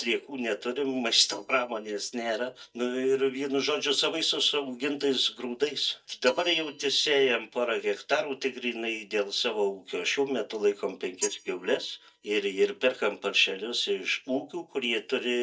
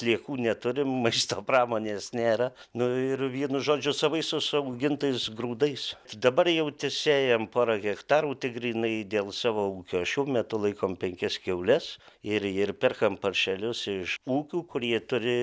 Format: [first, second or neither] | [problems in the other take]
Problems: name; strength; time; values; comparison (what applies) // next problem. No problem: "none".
second | noise reduction (neural mask model DeepFilterNet 3)